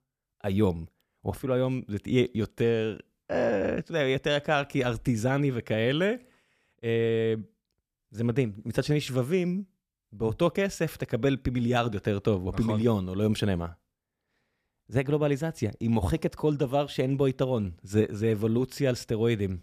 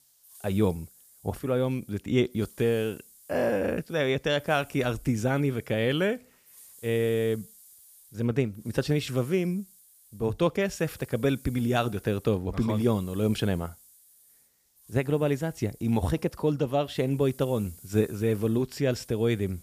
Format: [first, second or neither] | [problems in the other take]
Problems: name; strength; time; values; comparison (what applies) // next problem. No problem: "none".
first | hiss; faint; throughout; 25 dB below the speech